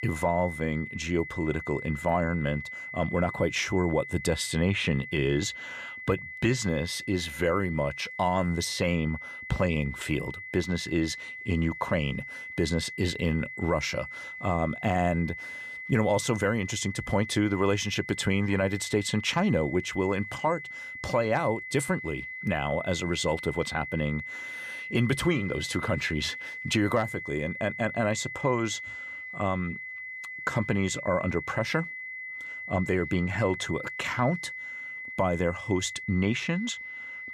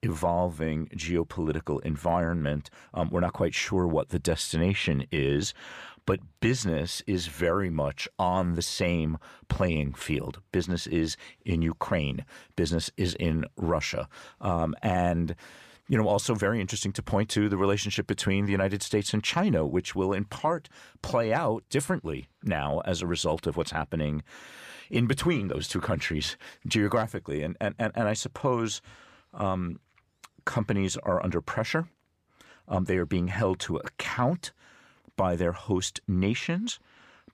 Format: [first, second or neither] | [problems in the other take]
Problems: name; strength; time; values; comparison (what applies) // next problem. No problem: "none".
second | high-pitched whine; loud; throughout; 2 kHz, 9 dB below the speech